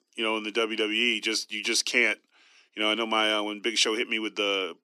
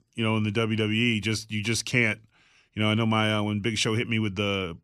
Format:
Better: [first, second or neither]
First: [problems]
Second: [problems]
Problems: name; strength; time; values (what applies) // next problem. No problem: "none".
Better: second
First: thin; somewhat; fading below 300 Hz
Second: none